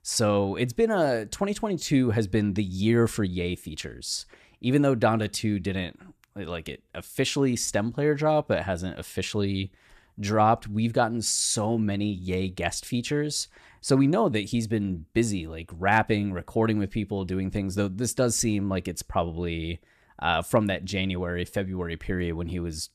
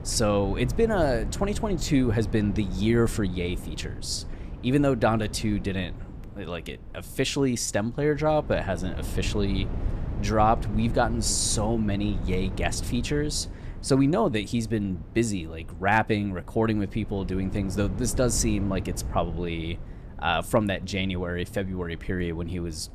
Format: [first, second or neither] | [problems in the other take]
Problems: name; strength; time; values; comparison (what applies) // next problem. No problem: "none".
first | low rumble; noticeable; throughout; 15 dB below the speech